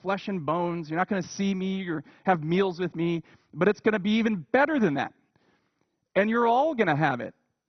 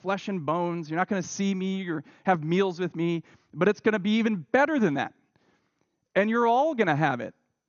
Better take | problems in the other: second | garbled, watery; badly; nothing above 6 kHz; slightly in the second

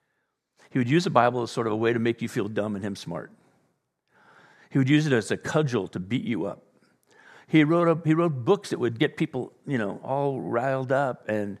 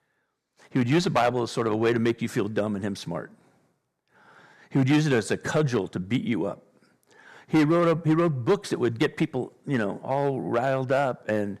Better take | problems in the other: first | distortion; slight; 3% of the sound clipped

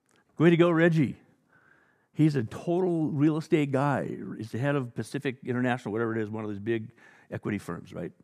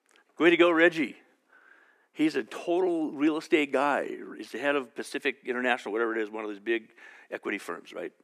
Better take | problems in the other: first | thin; somewhat; fading below 300 Hz

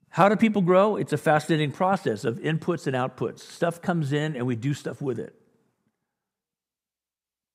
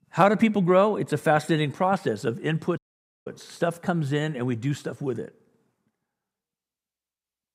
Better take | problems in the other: first | audio cutting out; at 3 s

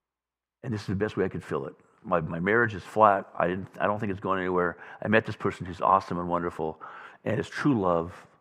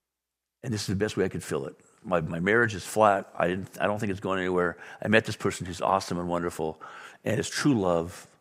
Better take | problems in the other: second | muffled; slightly; fading above 4 kHz

